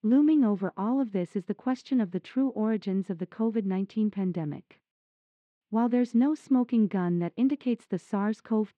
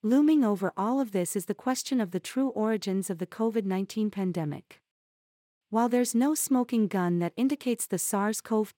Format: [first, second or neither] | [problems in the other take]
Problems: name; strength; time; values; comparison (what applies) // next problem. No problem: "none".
second | muffled; slightly; fading above 3.5 kHz